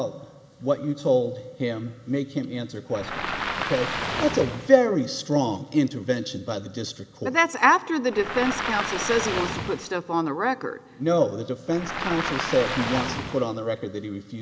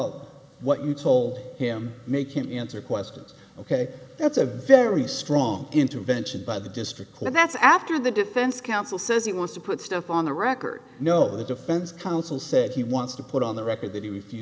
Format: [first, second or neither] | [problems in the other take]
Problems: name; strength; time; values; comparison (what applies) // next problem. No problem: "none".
second | background sound (Waves, surf); 5 dB below the speech